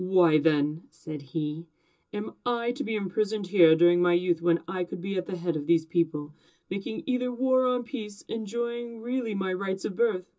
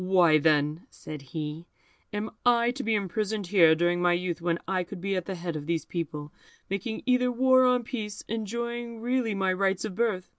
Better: second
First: room echo; dies away in 0.2 s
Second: none

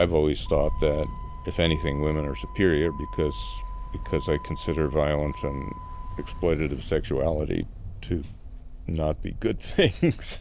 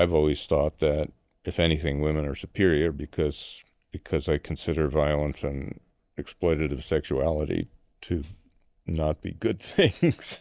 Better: second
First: background sound (Ocean + Motor vehicle (road)); 8 dB below the speech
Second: none

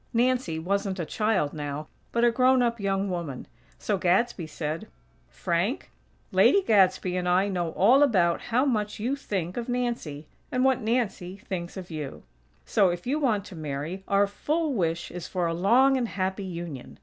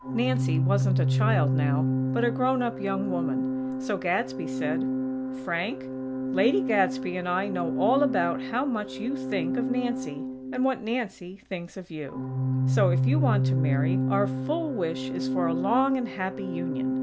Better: first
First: none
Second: background sound (Organ); 1 dB above the speech

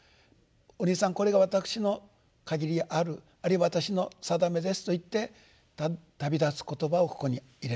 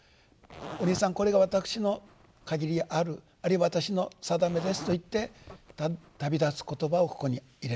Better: first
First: none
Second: background sound (Zipper (clothing)); 17 dB below the speech

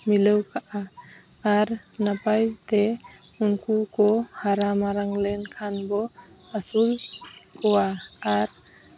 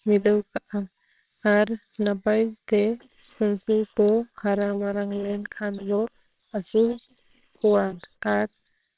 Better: first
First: none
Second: noise reduction (neural separator model SepFormer WHAMR!)

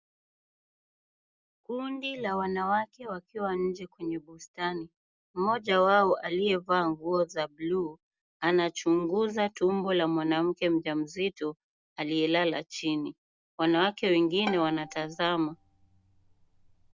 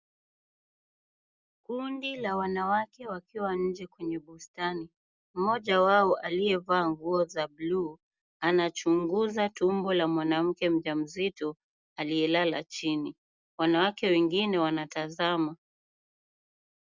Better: second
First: background sound (Bowed string instrument); 15 dB below the speech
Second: none

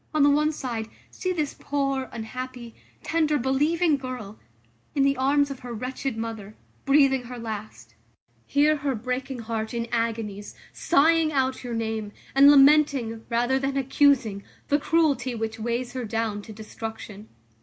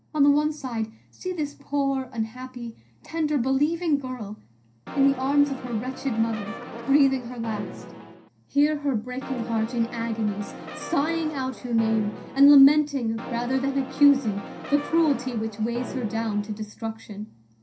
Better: first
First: none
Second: background sound (Brass instrument); 12 dB below the speech // room echo; dies away in 0.3 s

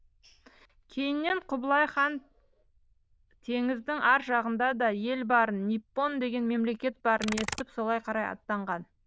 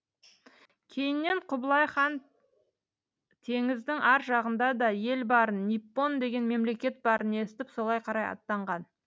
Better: second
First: noise reduction (neural diffusion model UNIVERSE++)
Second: none

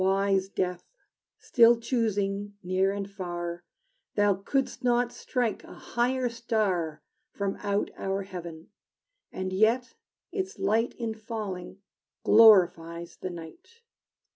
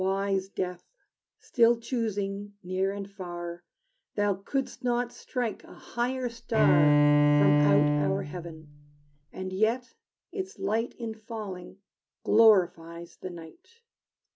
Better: first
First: none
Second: background sound (Bowed string instrument); 5 dB above the speech

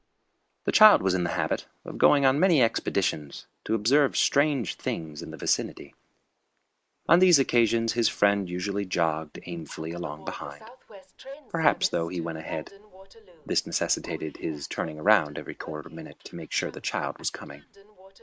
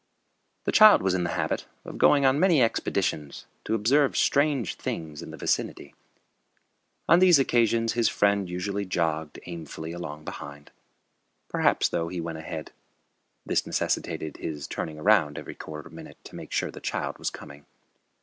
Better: second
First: noise reduction (neural mask model Resemble Enhance denoiser)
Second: none

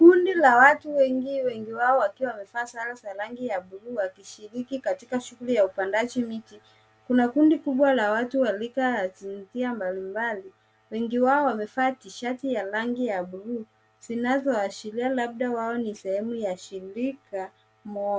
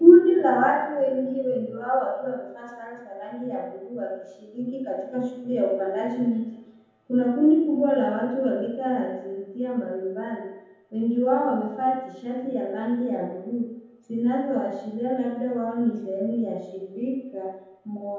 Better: first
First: none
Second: room echo; dies away in 0.9 s

